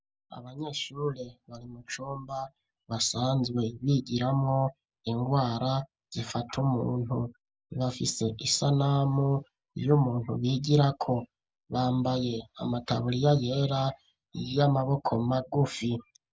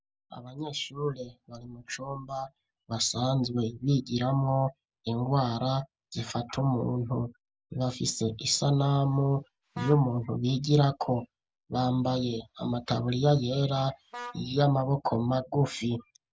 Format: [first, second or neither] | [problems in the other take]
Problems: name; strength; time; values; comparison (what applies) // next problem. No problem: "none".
first | background sound (Vehicle horn, car horn, honking); 18 dB below the speech